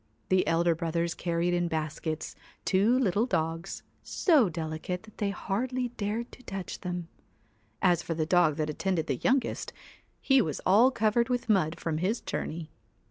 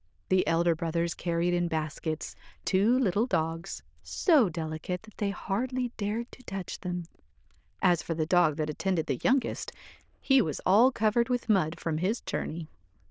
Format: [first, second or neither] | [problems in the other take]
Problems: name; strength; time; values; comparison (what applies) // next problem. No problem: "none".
first | noise reduction (neural diffusion model UNIVERSE++)